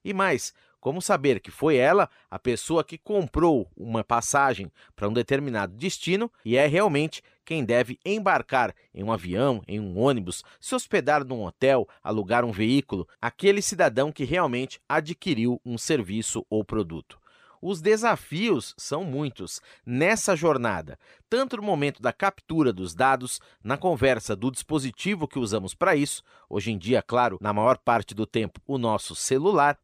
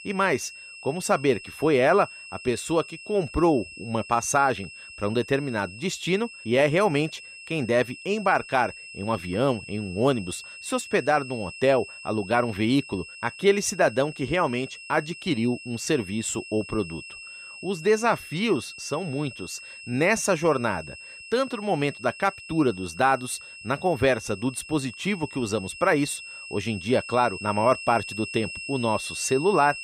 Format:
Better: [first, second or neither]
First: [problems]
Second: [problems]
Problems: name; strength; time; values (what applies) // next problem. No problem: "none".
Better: first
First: none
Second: high-pitched whine; noticeable; throughout; 2.5 kHz, 15 dB below the speech